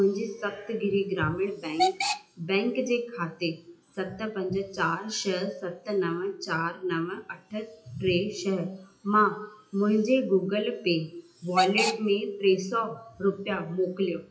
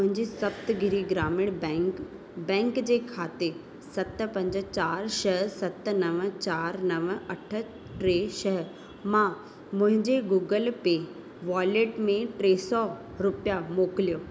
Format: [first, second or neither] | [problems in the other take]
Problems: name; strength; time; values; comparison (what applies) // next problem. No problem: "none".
second | noise reduction (classical method WPE with log-MMSE)